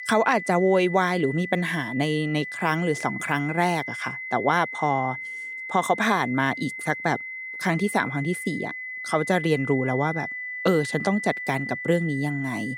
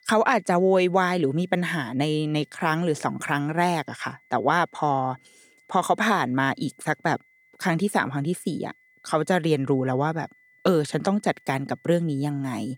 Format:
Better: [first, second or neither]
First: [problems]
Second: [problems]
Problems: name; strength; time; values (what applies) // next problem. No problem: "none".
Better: second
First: high-pitched whine; loud; throughout; 2 kHz, 7 dB below the speech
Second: high-pitched whine; faint; throughout; 2 kHz, 35 dB below the speech